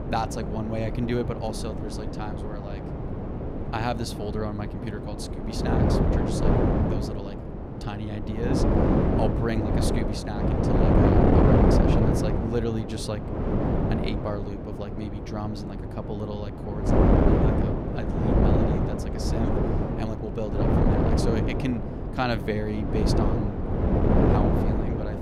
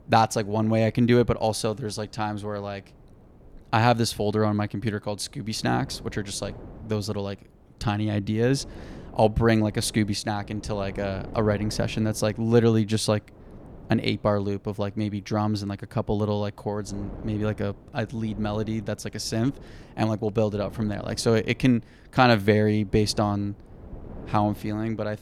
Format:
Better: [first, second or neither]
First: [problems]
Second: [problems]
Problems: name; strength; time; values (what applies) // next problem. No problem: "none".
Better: second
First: wind noise on the microphone; heavy; 5 dB above the speech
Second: wind noise on the microphone; occasional gusts; 25 dB below the speech